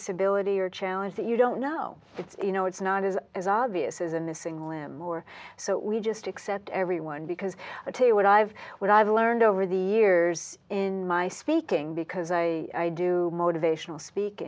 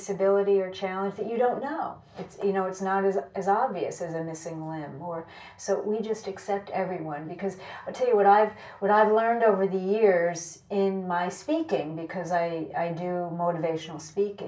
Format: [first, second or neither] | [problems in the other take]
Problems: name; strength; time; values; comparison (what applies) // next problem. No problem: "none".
first | room echo; dies away in 0.3 s